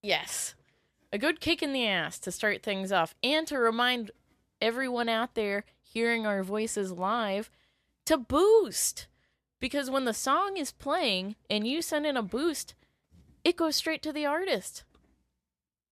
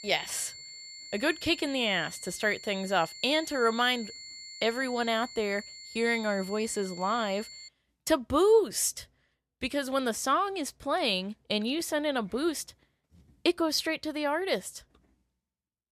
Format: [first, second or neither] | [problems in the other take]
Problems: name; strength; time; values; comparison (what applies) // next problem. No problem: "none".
first | high-pitched whine; noticeable; until 7.5 s; 4.5 kHz, 15 dB below the speech